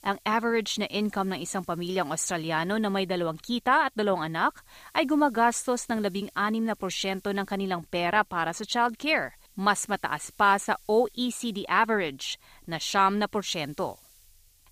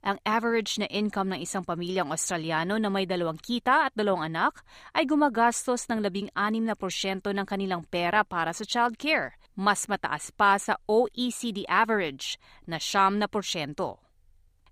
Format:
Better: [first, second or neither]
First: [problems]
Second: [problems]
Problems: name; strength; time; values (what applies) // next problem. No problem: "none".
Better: second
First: hiss; faint; throughout; 30 dB below the speech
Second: none